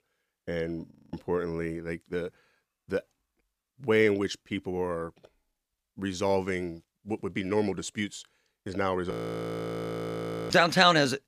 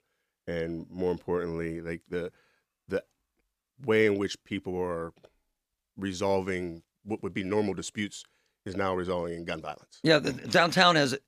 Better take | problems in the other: second | audio freezing; at 1 s and at 9 s for 1.5 s

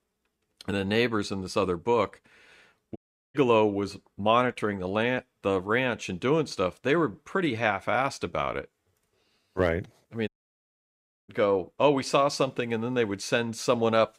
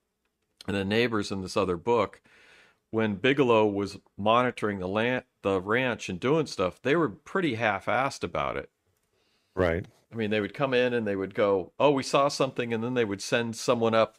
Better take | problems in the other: second | audio cutting out; at 3 s and at 10 s for 1 s

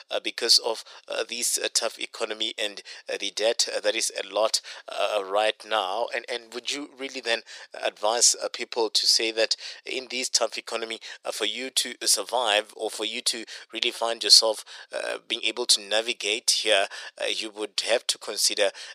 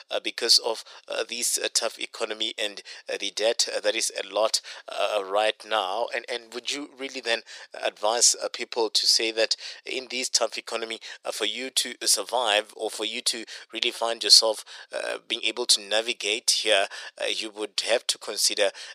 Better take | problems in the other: neither | thin; very; fading below 400 Hz; the same in both

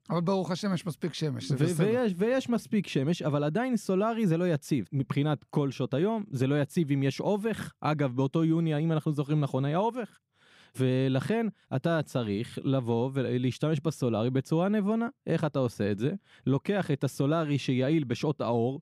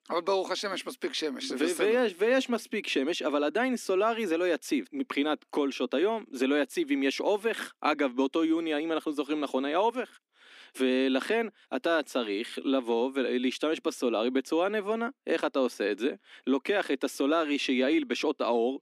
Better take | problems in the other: first | thin; very slightly; fading below 250 Hz

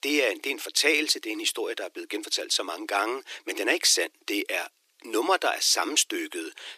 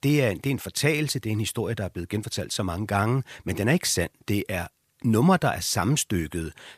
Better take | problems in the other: second | thin; very; fading below 300 Hz

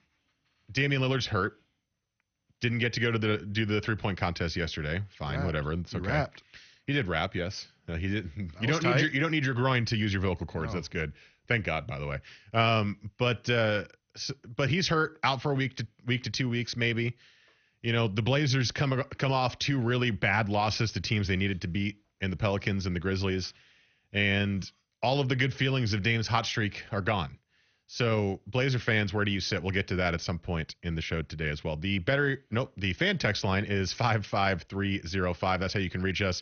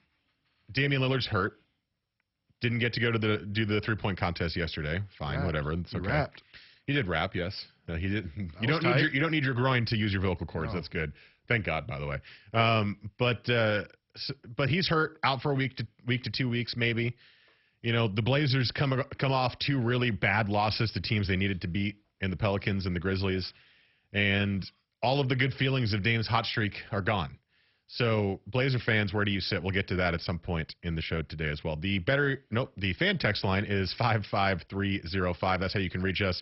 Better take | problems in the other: first | garbled, watery; badly; nothing above 5.5 kHz; slightly in the first

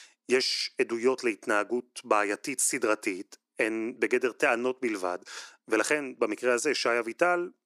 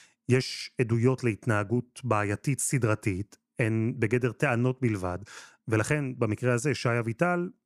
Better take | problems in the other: second | thin; somewhat; fading below 300 Hz

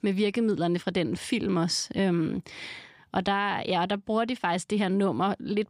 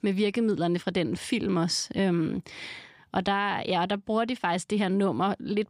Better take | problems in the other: neither | none

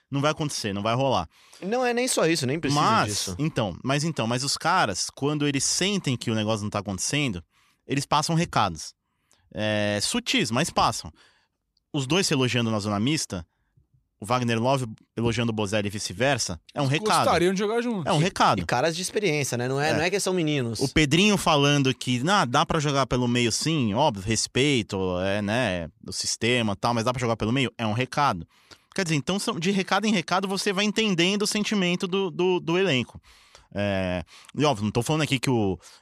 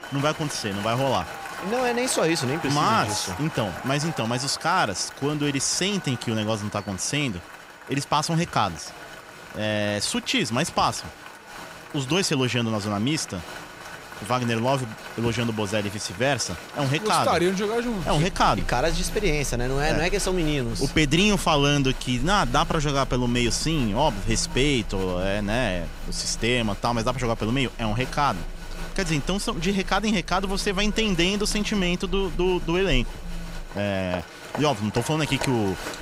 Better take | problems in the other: first | crowd noise; noticeable; throughout; 15 dB below the speech

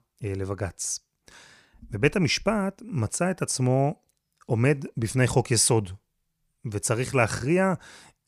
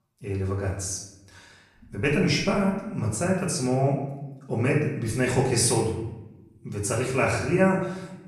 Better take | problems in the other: first | off-mic speech; far // room echo; noticeable; dies away in 0.8 s

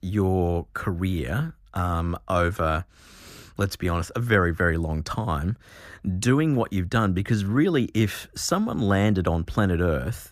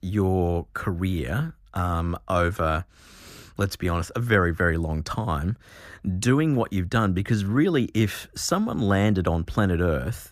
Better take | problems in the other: neither | muffled; slightly; fading above 3 kHz; the same in both

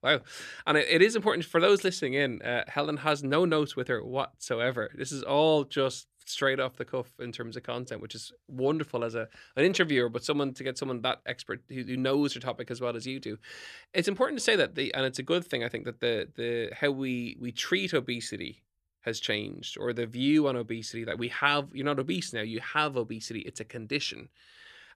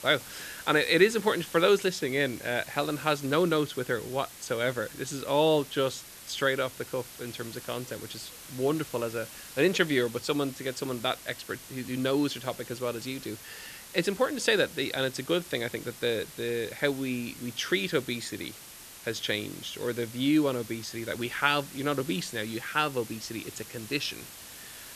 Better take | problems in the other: first | hiss; noticeable; throughout; 15 dB below the speech

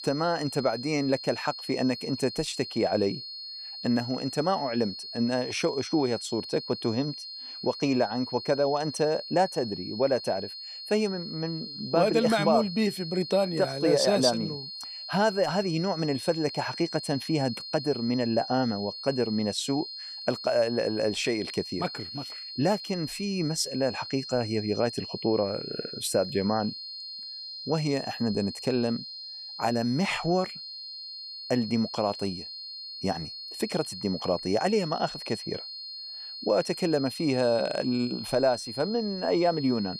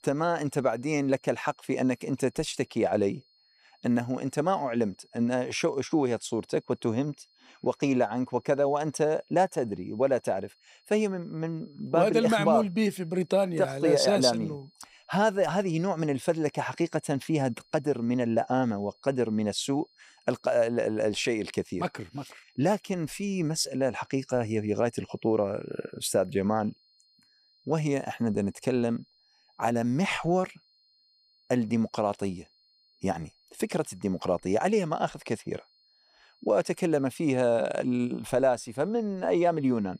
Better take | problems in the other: second | high-pitched whine; loud; throughout; 4.5 kHz, 9 dB below the speech; faint in the second

